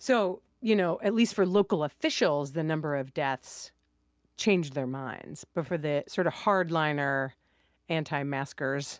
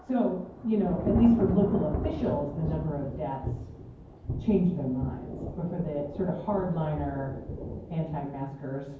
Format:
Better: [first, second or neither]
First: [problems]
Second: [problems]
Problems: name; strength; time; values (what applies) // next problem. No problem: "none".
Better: first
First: none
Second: background sound (Thunder / Rain); 7 dB below the speech // room echo; dies away in 0.9 s